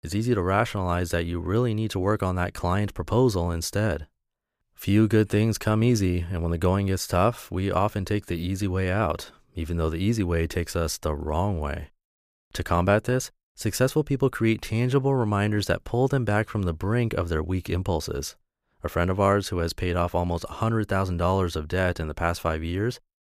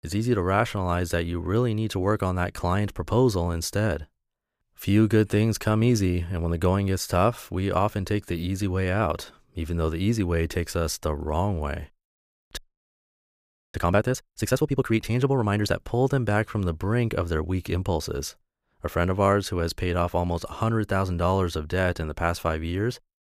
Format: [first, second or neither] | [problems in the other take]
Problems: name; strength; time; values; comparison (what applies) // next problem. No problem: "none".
first | audio freezing; at 13 s for 1 s